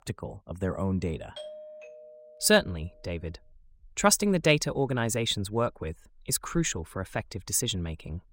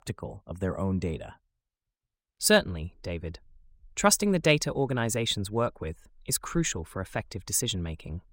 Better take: second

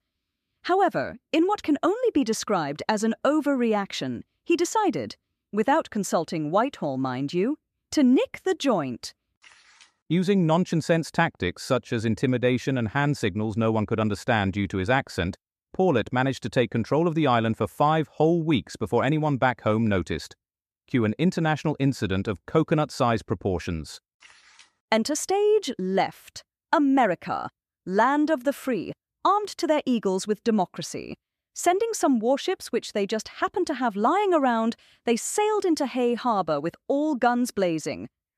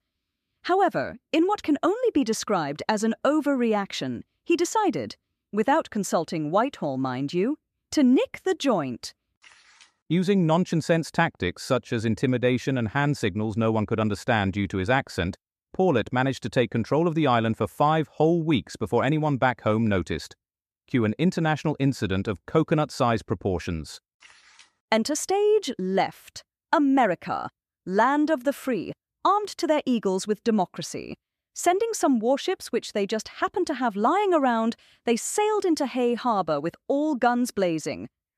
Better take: neither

